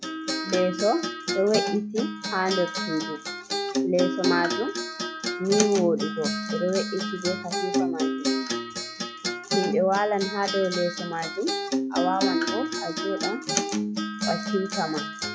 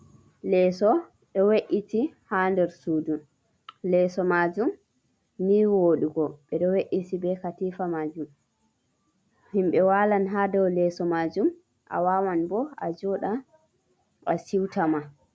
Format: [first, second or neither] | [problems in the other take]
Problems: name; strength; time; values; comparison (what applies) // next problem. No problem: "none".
second | noise reduction (classical method log-MMSE)